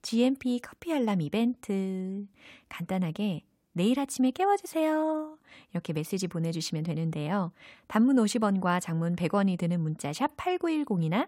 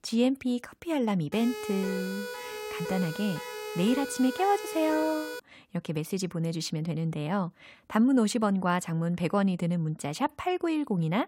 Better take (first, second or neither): first